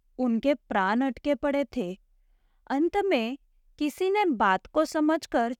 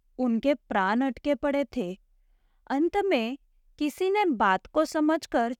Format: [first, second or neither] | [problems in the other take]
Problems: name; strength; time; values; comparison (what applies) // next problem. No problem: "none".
neither | none